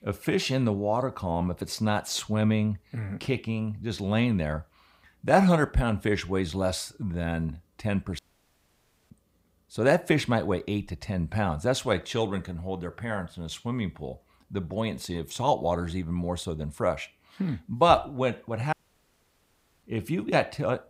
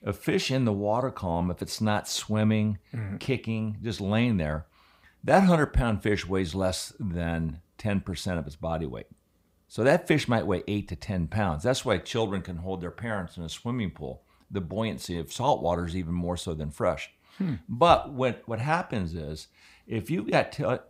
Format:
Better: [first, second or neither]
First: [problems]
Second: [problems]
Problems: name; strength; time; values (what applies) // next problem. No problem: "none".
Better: second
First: audio cutting out; at 8 s for 1 s and at 19 s for 1 s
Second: none